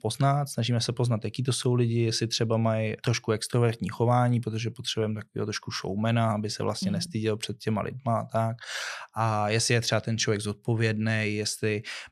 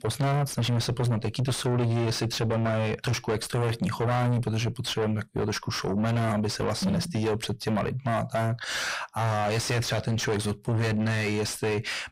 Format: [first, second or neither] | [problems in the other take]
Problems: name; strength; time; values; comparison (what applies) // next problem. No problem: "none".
first | distortion; heavy; 5 dB below the speech